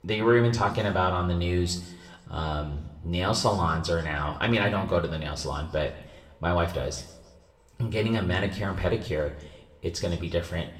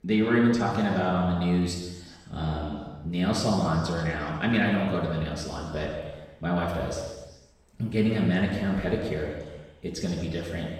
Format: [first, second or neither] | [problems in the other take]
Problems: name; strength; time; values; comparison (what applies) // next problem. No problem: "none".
first | room echo; strong; dies away in 1.3 s; slight in the first // off-mic speech; far; somewhat distant in the first